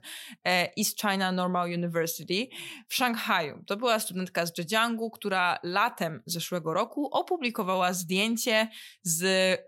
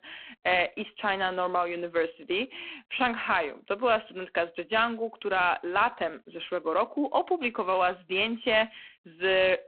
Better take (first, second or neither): first